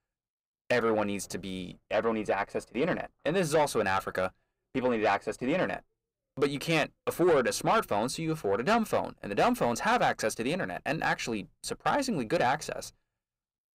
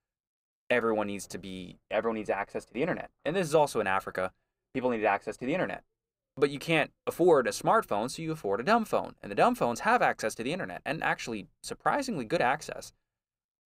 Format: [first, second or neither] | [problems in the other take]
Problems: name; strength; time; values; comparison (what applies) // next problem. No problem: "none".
second | distortion; slight; 10 dB below the speech